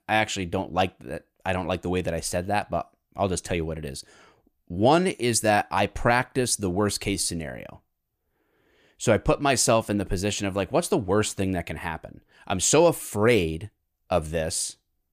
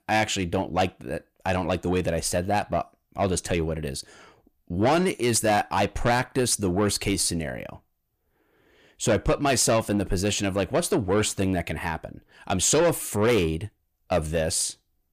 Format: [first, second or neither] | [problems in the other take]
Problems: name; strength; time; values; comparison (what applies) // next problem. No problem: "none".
first | distortion; slight; 10 dB below the speech